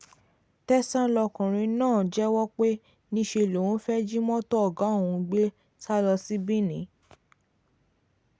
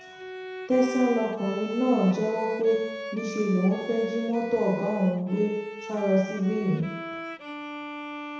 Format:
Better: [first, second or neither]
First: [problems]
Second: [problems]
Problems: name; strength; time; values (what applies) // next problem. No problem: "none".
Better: first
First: none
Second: background sound (Bowed string instrument); 10 dB below the speech // room echo; dies away in 1 s